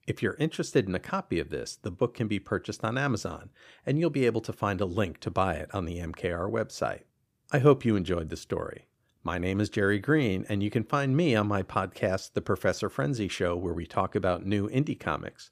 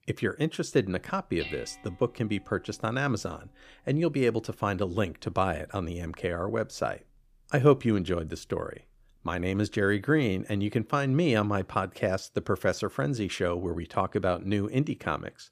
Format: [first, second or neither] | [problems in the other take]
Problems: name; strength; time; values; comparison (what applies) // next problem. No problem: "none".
first | clattering dishes; faint; at 1.5 s; peak 10 dB below the speech